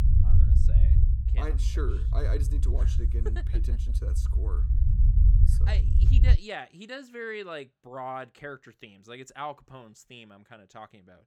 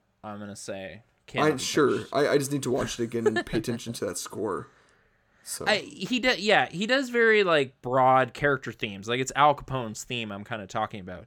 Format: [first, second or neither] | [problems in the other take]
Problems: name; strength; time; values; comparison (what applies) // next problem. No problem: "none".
second | low rumble; loud; until 6.5 s; 5 dB below the speech